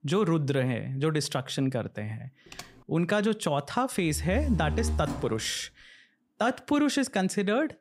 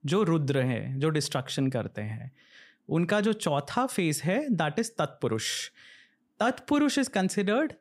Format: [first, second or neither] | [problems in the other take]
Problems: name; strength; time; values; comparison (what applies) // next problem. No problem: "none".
second | keyboard typing; faint; at 2.5 s; peak 15 dB below the speech // door banging; noticeable; from 4 to 5.5 s; peak 3 dB below the speech